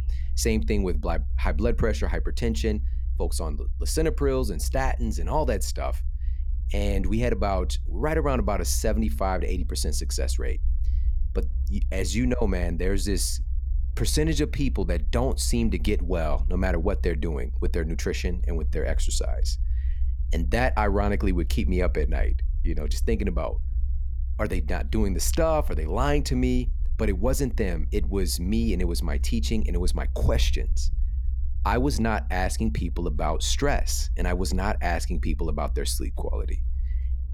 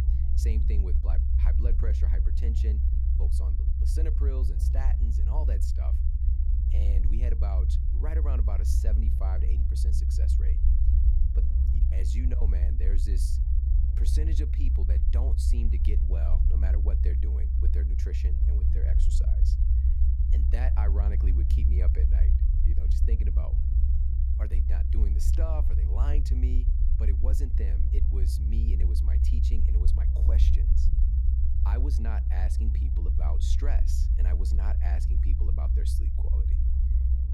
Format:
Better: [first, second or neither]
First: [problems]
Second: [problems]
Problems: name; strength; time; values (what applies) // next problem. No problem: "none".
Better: first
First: low rumble; faint; throughout; 20 dB below the speech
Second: low rumble; loud; throughout; as loud as the speech